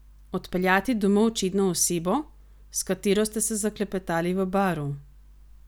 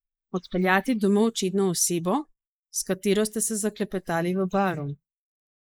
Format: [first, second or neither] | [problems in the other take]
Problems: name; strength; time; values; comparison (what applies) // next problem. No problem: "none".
first | noise reduction (neural mask model Resemble Enhance denoiser)